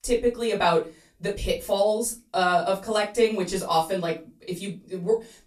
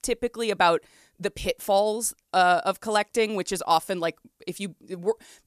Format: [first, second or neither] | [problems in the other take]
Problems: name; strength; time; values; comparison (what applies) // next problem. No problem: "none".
second | off-mic speech; far // room echo; very slight; dies away in 0.3 s